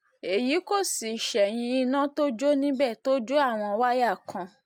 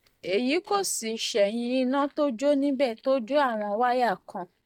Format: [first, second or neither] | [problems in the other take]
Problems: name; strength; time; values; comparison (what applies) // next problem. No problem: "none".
first | noise reduction (neural mask model DeepFilterNet 3)